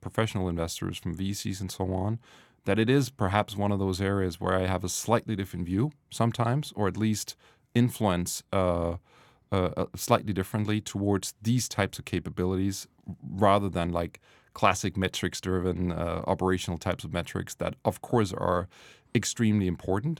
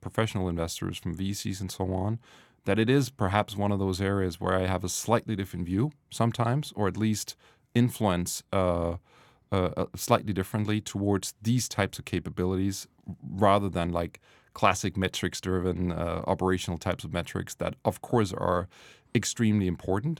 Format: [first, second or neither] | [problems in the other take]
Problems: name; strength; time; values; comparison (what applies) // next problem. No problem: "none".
neither | none